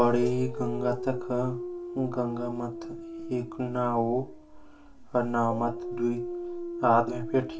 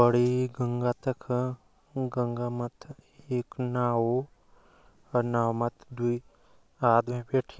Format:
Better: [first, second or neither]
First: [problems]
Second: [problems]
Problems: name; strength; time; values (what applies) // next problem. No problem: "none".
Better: second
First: background sound (Dog); 9 dB below the speech // room echo; dies away in 0.2 s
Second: none